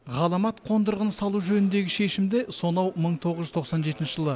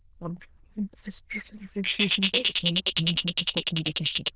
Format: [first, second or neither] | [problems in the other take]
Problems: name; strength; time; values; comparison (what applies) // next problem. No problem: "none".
first | noise reduction (neural diffusion model UNIVERSE++)